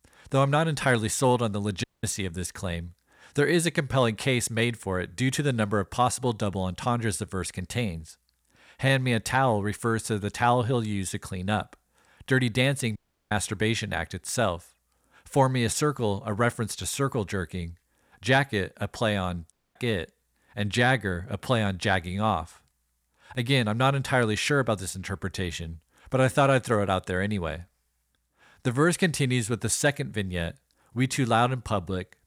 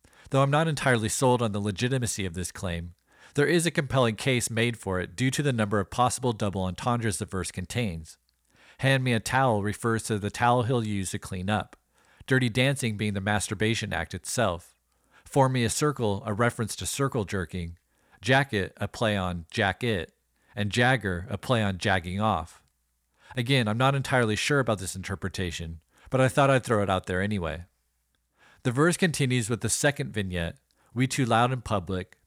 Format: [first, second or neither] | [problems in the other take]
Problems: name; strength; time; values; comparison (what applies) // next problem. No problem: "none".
second | audio cutting out; at 2 s, at 13 s and at 20 s